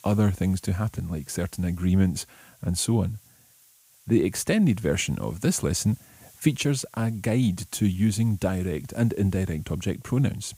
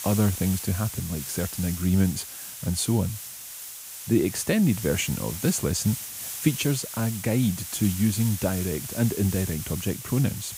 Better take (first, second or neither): first